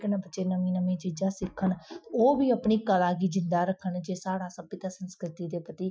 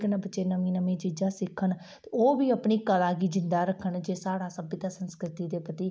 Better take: second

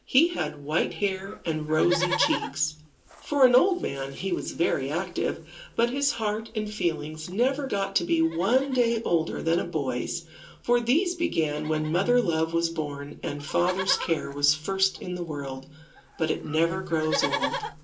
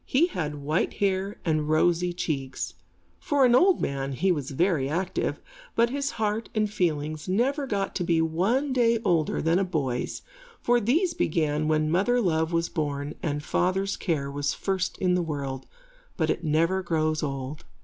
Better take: second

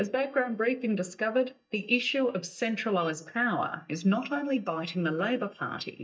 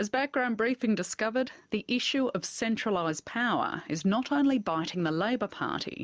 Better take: second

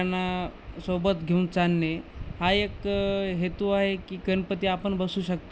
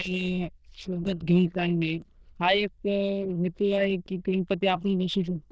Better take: first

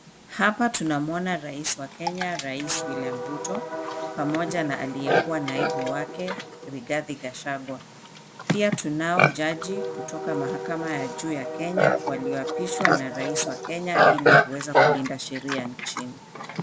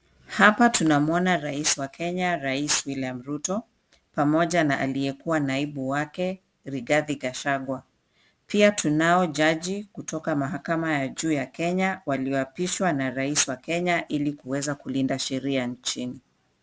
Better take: second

